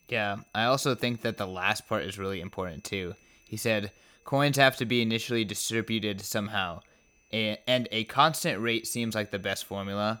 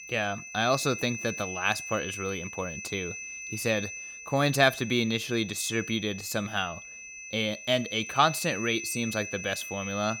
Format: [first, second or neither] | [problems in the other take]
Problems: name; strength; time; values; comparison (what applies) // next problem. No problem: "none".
first | high-pitched whine; loud; throughout; 2.5 kHz, 9 dB below the speech; faint in the first